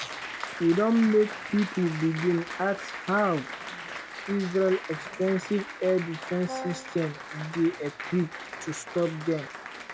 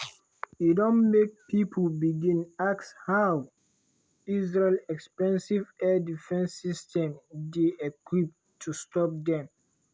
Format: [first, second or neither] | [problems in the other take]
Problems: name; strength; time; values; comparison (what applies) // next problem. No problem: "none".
second | background sound (Applause + Brass instrument); 11 dB below the speech